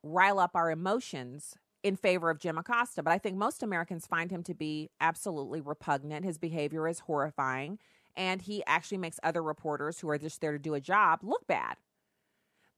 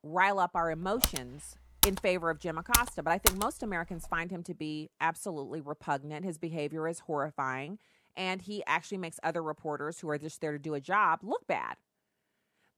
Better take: first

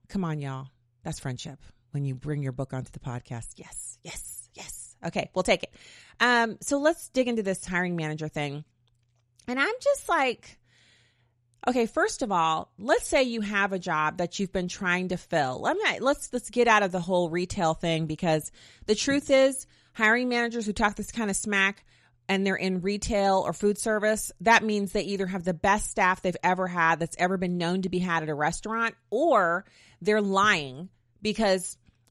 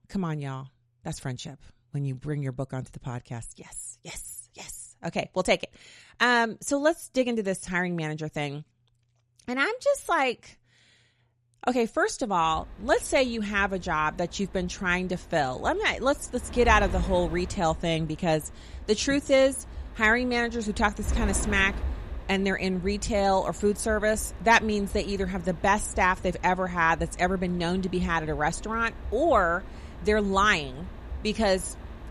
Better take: first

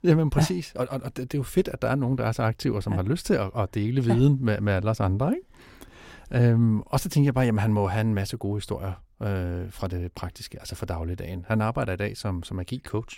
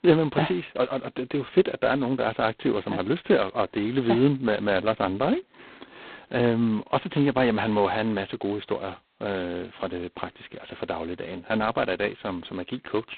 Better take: first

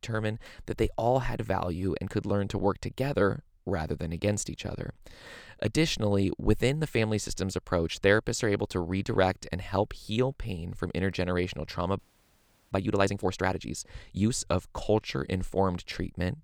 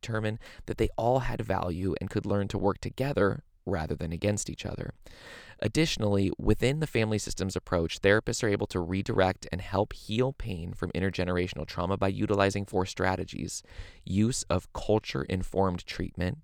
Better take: second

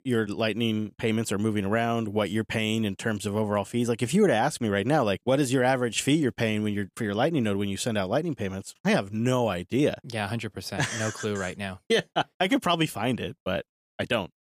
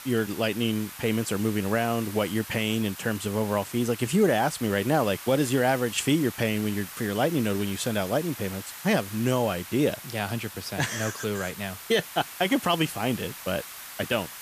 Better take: first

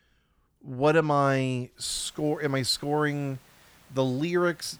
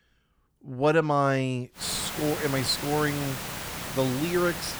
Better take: first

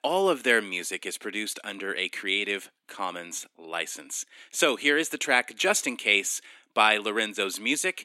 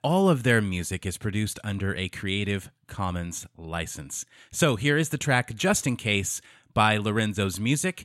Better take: second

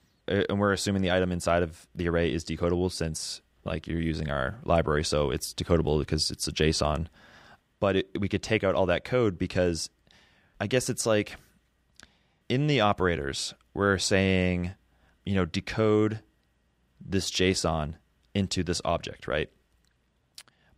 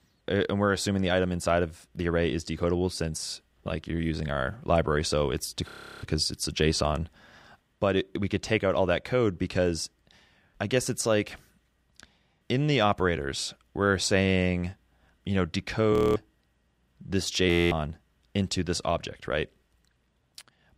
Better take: first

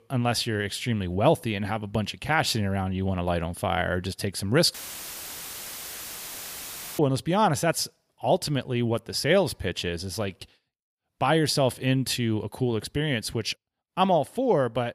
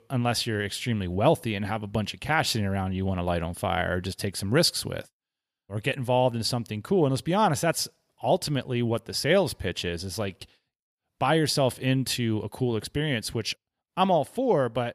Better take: second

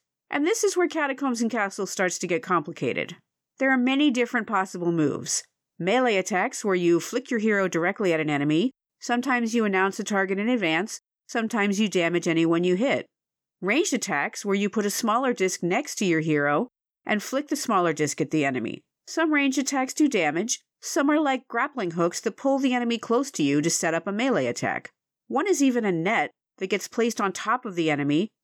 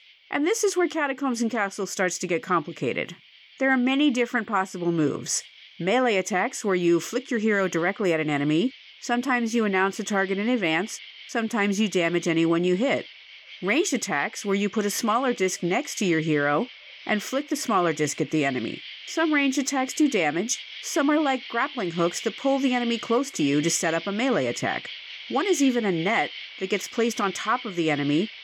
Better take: first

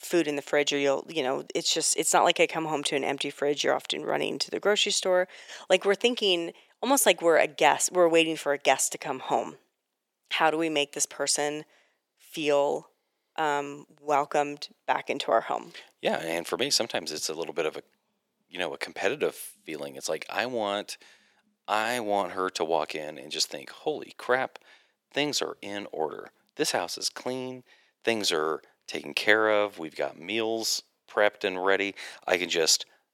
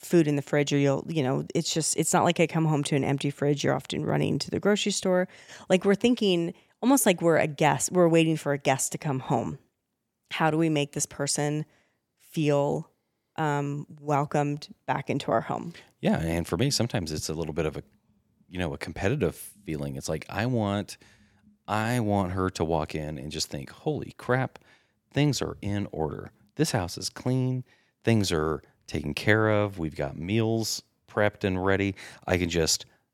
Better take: second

